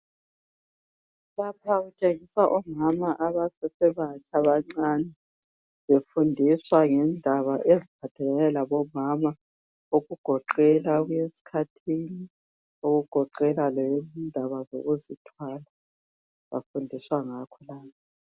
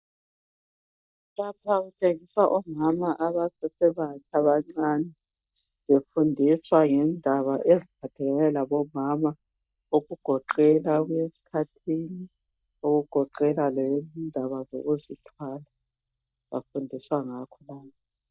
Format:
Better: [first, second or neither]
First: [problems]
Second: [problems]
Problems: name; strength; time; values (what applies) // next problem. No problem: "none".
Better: first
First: none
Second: noise reduction (neural mask model DeepFilterNet 3)